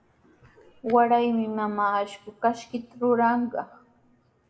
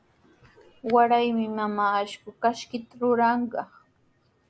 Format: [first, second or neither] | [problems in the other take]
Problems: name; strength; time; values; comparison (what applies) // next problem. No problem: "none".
second | room echo; dies away in 0.6 s